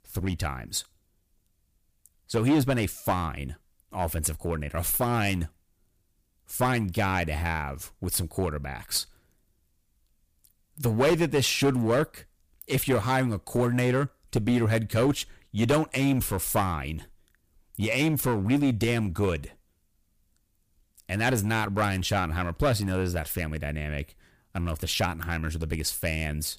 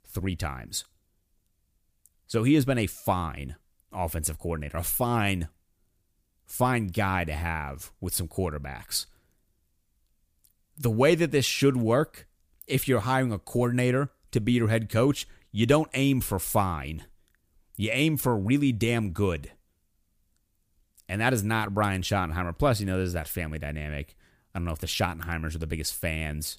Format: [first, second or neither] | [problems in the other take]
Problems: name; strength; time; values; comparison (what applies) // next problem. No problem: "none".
second | distortion; slight; 5% of the sound clipped